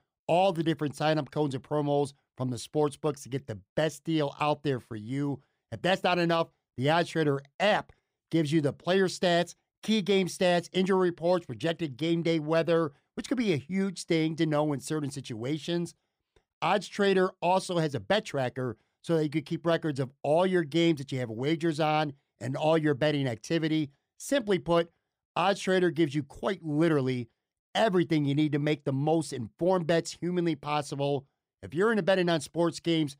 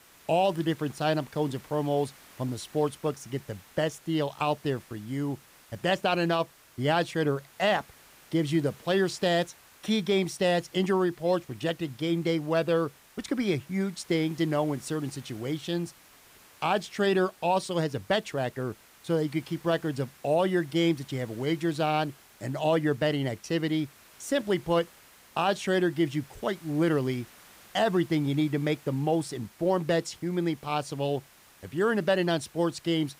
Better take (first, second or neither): first